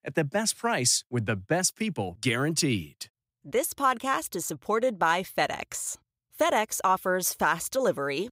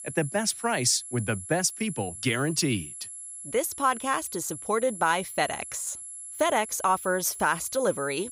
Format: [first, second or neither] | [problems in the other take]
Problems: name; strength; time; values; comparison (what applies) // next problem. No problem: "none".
first | high-pitched whine; noticeable; throughout; 11 kHz, 10 dB below the speech